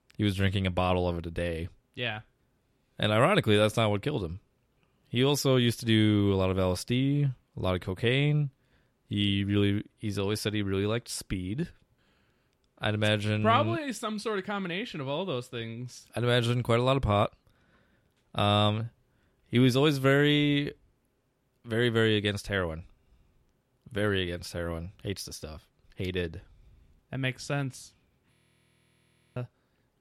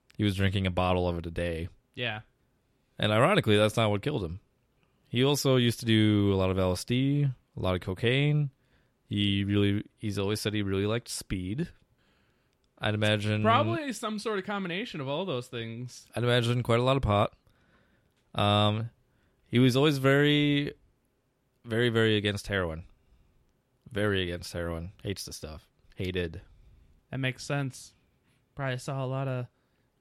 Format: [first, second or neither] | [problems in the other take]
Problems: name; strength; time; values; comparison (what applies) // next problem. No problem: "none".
second | audio freezing; at 28 s for 1 s